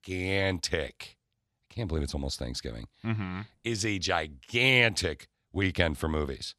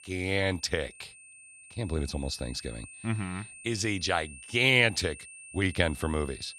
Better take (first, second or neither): first